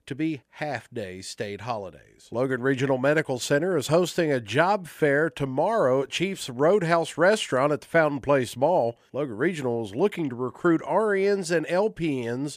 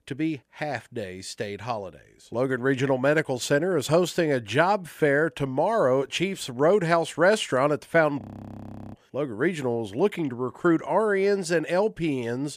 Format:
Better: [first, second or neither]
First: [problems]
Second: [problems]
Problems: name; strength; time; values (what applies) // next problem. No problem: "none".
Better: first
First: none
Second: audio freezing; at 8 s for 0.5 s